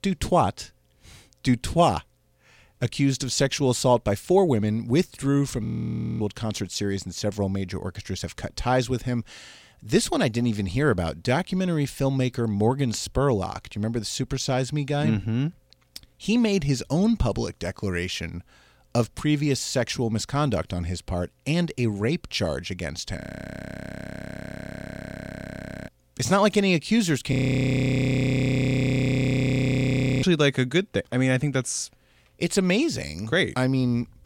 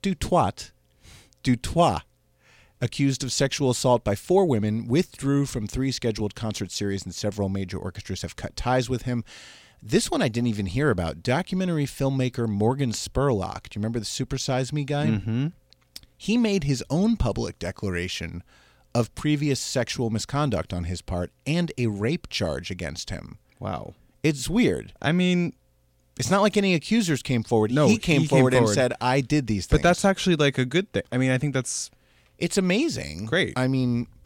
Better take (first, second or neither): second